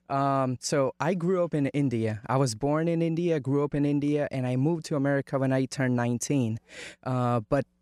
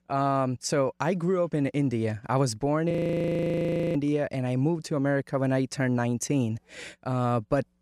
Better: first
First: none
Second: audio freezing; at 3 s for 1 s

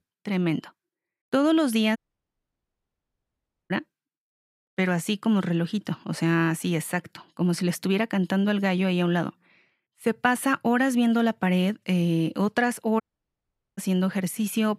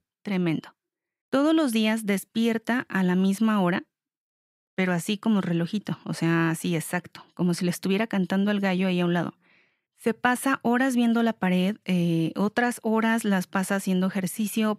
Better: second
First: audio cutting out; at 2 s for 1.5 s and at 13 s for 1 s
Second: none

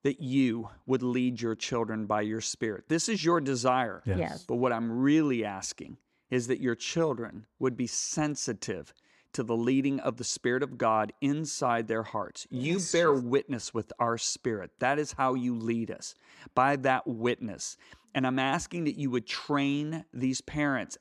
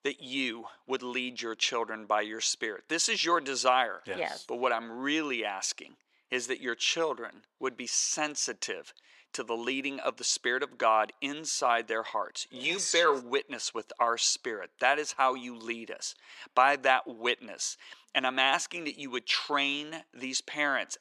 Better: first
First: none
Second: thin; somewhat; fading below 550 Hz

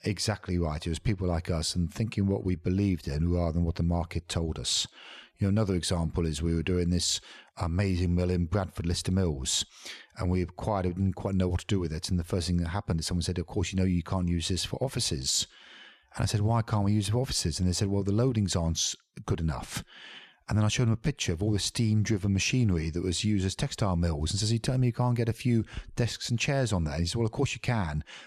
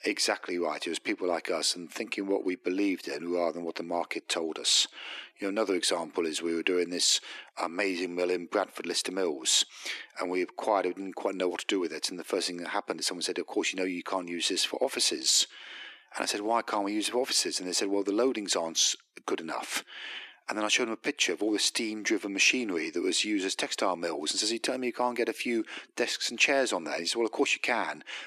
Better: first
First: none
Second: thin; very; fading below 300 Hz

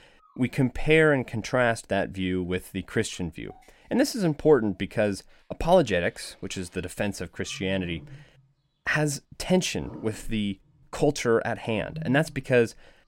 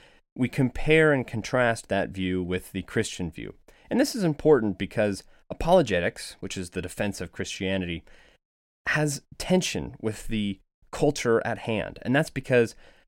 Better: second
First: animal sounds; noticeable; throughout; 20 dB below the speech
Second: none

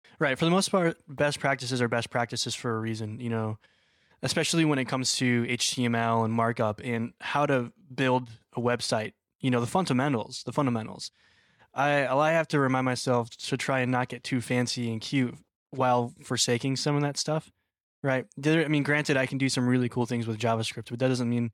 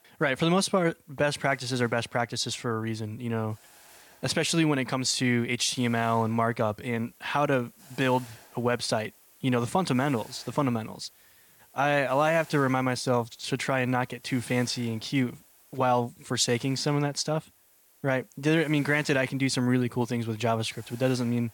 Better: first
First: none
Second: hiss; faint; throughout; 25 dB below the speech

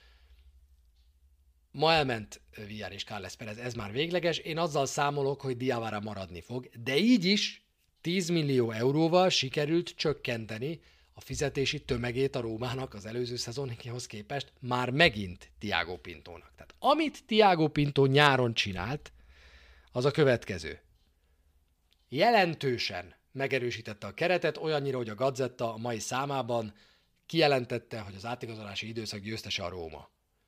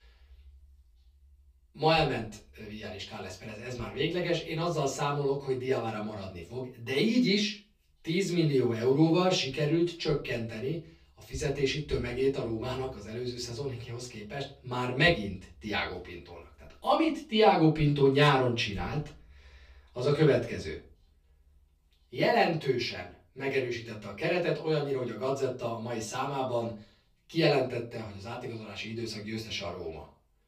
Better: first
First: none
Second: off-mic speech; far // room echo; slight; dies away in 0.3 s

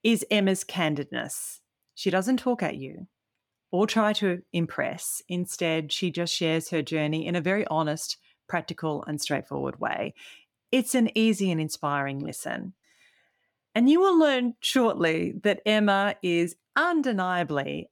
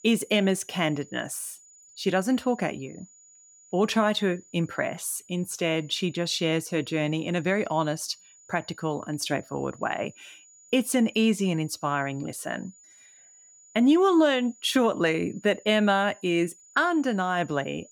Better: first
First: none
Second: high-pitched whine; faint; throughout; 7 kHz, 25 dB below the speech

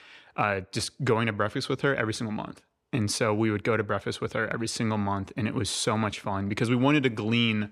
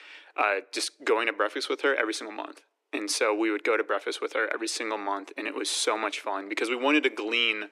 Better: first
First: none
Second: thin; somewhat; fading below 300 Hz

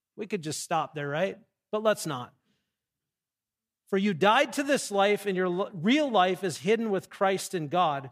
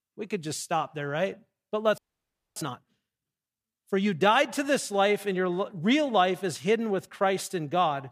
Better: first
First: none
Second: audio freezing; at 2 s for 0.5 s

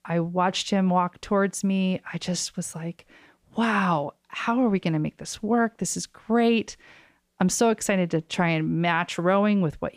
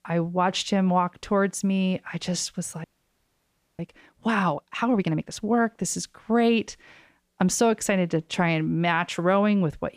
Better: first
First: none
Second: audio freezing; at 3 s for 1 s

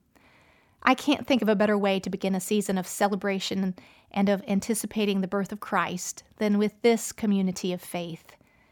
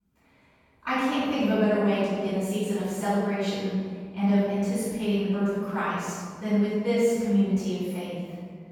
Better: first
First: none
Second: room echo; strong; dies away in 1.7 s // off-mic speech; far

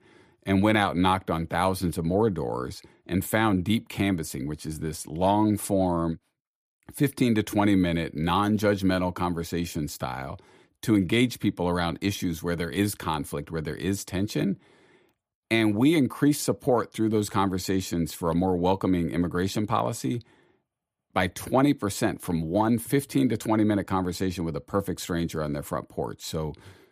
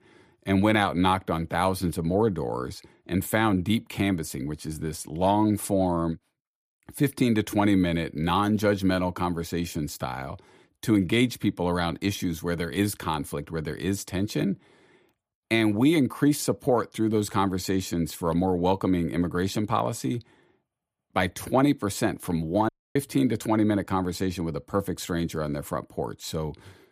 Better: first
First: none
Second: audio cutting out; at 23 s

